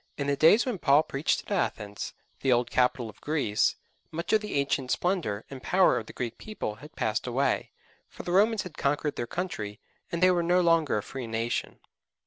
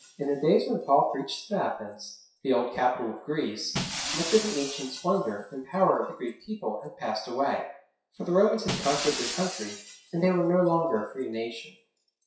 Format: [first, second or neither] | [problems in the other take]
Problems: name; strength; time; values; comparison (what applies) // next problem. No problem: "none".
first | noise reduction (classical method WPE with log-MMSE)